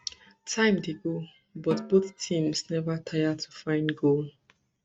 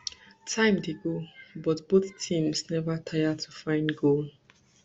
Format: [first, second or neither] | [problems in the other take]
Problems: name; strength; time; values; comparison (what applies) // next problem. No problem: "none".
second | noise reduction (neural mask model RNNoise)